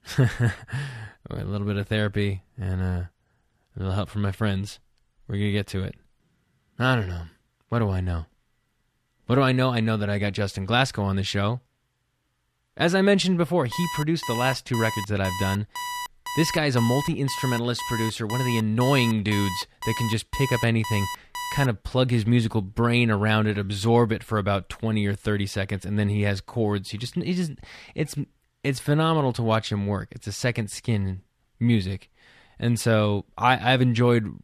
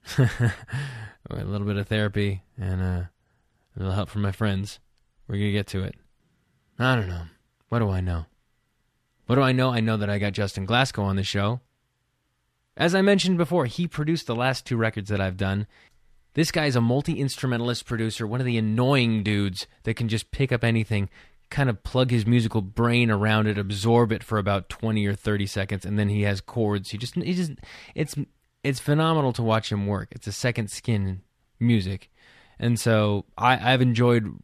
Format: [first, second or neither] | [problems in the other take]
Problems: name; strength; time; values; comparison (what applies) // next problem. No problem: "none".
second | alarm; noticeable; from 14 to 22 s; peak 6 dB below the speech